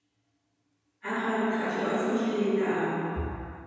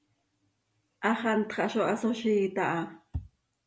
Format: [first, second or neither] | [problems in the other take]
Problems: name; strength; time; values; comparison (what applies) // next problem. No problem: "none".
second | room echo; dies away in 2.1 s